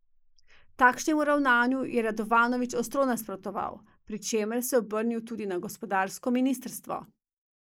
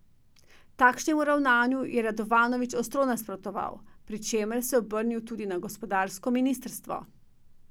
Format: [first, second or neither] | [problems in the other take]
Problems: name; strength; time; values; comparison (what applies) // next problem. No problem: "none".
second | noise reduction (neural mask model Resemble Enhance denoiser)